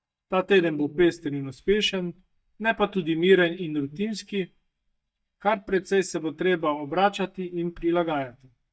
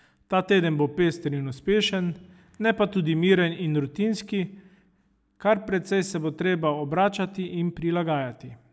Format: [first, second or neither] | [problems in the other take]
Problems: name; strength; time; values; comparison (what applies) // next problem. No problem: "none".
second | noise reduction (neural mask model DeepFilterNet 3)